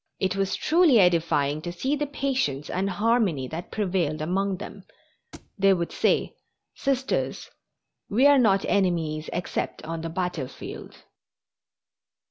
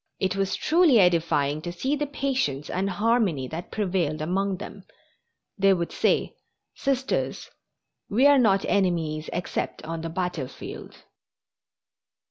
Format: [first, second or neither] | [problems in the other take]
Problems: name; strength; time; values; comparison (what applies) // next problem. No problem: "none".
second | background sound (Thump, thud); 20 dB below the speech